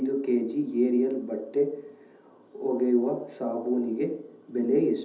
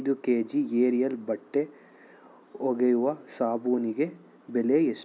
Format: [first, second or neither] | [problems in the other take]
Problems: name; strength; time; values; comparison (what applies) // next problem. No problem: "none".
second | room echo; dies away in 1.2 s